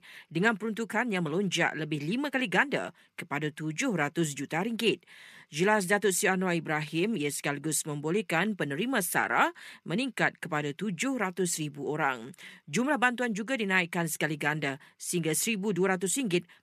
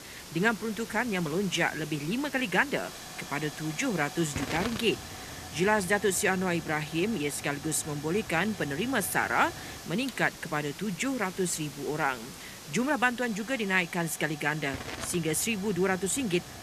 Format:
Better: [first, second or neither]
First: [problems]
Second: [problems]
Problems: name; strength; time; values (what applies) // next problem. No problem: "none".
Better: first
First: none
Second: hiss; noticeable; throughout; 10 dB below the speech